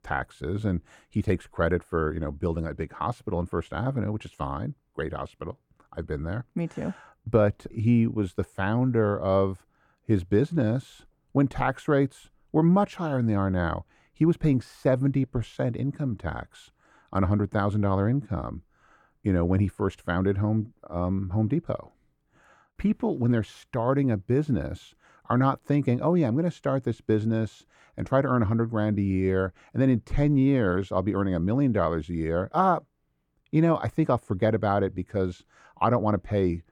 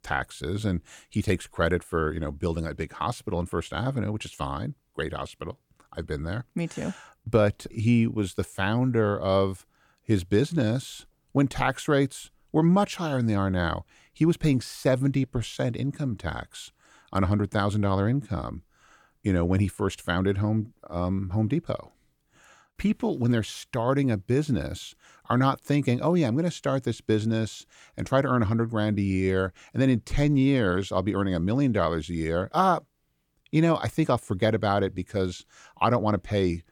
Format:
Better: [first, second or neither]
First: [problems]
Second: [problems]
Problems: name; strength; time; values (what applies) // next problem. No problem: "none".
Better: second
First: muffled; slightly; fading above 2.5 kHz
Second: none